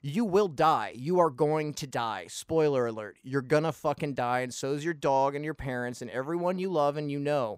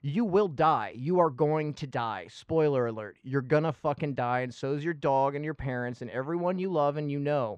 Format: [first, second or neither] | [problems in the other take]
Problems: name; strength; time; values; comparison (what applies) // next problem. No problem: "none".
first | muffled; slightly; fading above 3.5 kHz